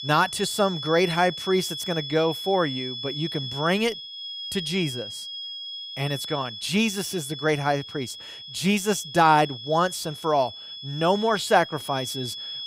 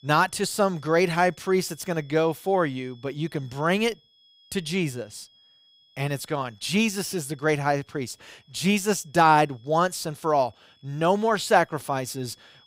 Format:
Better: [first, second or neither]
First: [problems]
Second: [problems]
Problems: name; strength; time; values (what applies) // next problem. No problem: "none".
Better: second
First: high-pitched whine; loud; throughout; 3.5 kHz, 8 dB below the speech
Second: high-pitched whine; faint; throughout; 3.5 kHz, 30 dB below the speech